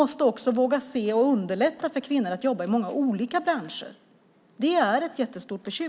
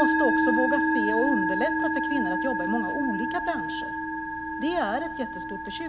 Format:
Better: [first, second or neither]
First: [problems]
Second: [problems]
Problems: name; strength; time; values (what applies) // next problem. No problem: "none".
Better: first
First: none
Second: background sound (Musical instrument); 3 dB above the speech